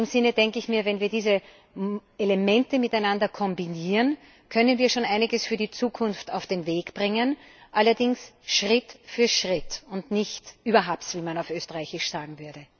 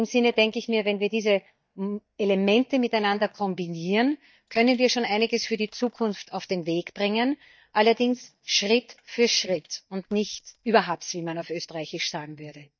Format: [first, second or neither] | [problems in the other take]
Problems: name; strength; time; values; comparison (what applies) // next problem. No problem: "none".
first | noise reduction (neural mask model DeepFilterNet 3)